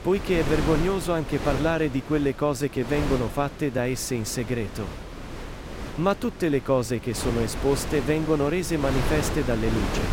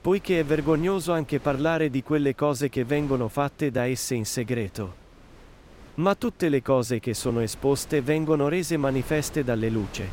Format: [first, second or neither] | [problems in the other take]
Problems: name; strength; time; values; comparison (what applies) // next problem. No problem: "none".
second | wind noise on the microphone; heavy; 8 dB below the speech; occasional gusts in the second